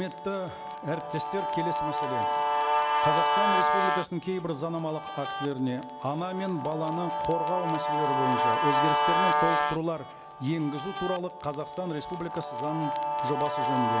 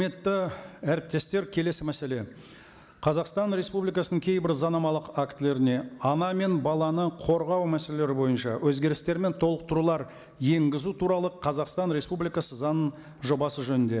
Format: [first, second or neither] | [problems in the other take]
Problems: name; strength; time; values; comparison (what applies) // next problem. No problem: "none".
second | background sound (Guitar); 4 dB above the speech